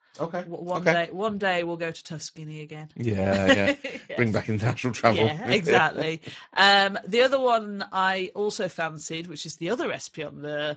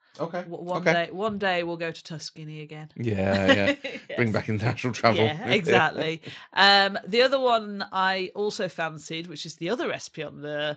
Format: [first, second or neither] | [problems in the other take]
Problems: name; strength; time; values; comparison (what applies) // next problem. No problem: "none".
second | garbled, watery; badly; nothing above 7.5 kHz; slightly in the second